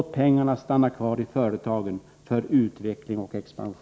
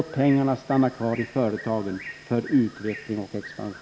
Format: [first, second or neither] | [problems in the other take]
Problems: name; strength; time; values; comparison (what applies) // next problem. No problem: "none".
first | background sound (Bird); 17 dB below the speech